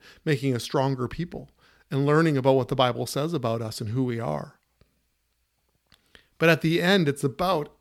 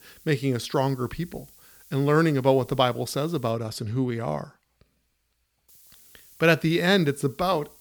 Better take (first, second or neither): first